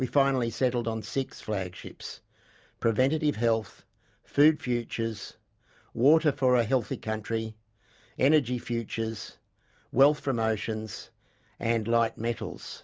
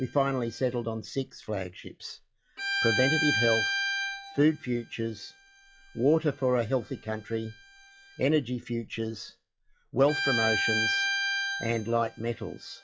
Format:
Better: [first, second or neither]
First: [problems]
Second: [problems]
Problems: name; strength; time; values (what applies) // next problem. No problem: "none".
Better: first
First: none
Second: noise reduction (classical method log-MMSE)